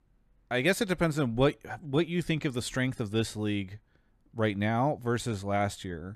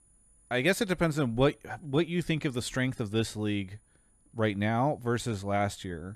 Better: first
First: none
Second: high-pitched whine; faint; throughout; 10 kHz, 35 dB below the speech

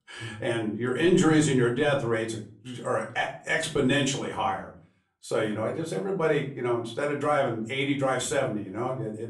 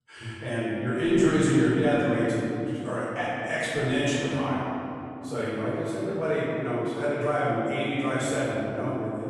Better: first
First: room echo; slight; dies away in 0.4 s // off-mic speech; far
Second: room echo; strong; dies away in 3 s // off-mic speech; far

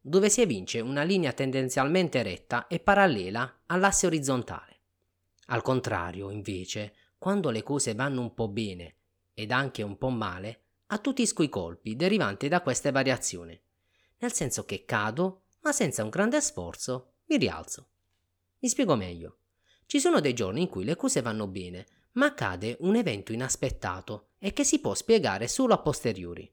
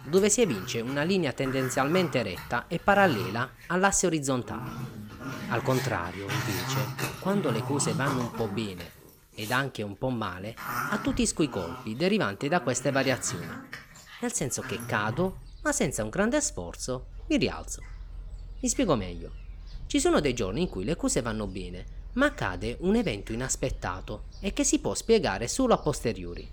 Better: first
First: none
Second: animal sounds; noticeable; throughout; 10 dB below the speech

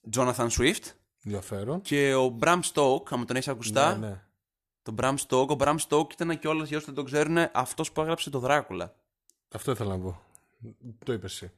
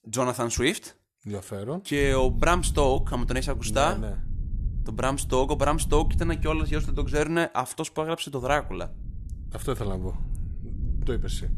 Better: first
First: none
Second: low rumble; faint; from 2 to 7 s and from 8.5 s on; 20 dB below the speech

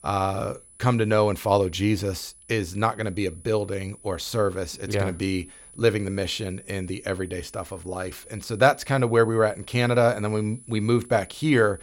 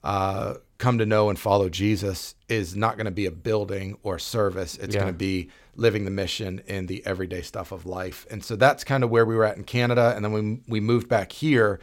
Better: second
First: high-pitched whine; faint; throughout; 10 kHz, 20 dB below the speech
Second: none

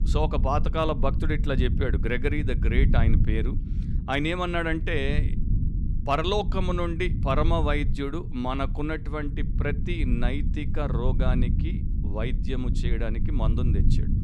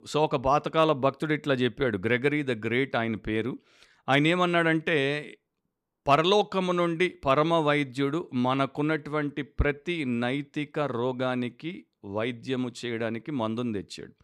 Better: second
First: low rumble; noticeable; throughout; 10 dB below the speech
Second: none

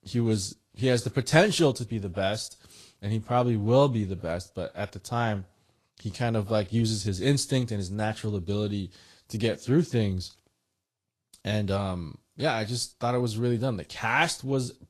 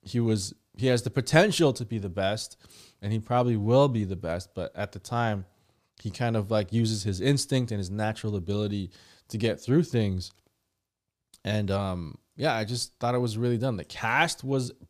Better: second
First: garbled, watery; slightly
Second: none

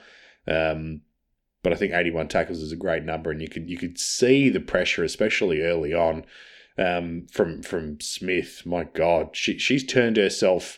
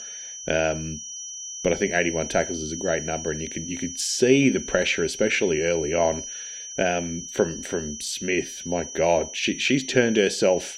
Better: first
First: none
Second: high-pitched whine; loud; throughout; 6 kHz, 9 dB below the speech

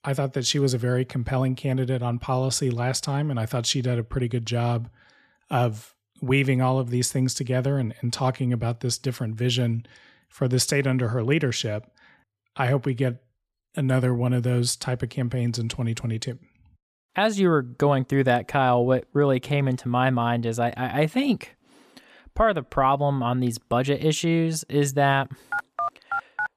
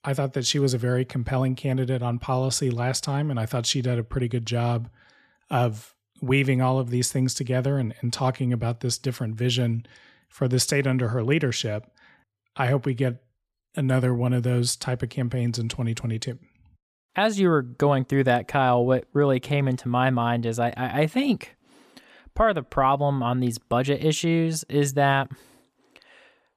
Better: second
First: phone ringing; noticeable; at 26 s; peak 4 dB below the speech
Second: none

